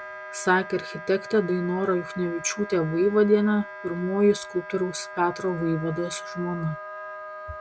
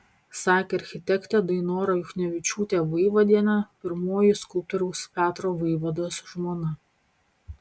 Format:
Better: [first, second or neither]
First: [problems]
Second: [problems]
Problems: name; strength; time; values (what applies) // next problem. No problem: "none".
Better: second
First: background sound (Wind instrument, woodwind instrument); 13 dB below the speech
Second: none